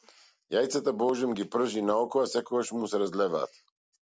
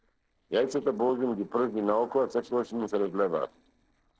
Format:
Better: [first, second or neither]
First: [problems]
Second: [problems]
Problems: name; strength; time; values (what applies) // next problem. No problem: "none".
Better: first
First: none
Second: noise reduction (neural separator model SepFormer DNS4)